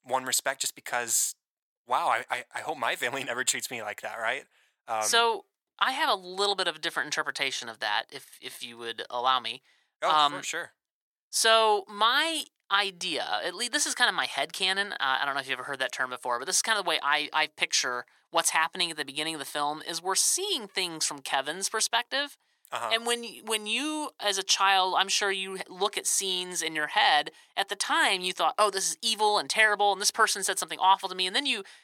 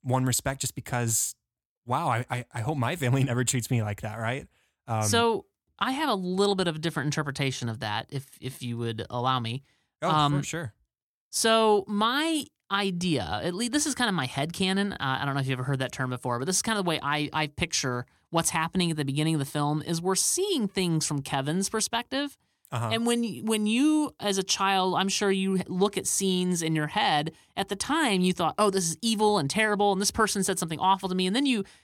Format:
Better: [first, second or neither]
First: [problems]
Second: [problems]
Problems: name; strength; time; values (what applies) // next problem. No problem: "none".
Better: second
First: thin; very; fading below 650 Hz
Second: none